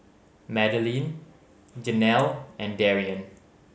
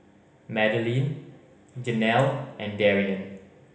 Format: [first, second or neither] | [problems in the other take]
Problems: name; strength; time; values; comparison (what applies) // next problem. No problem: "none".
first | room echo; dies away in 1.1 s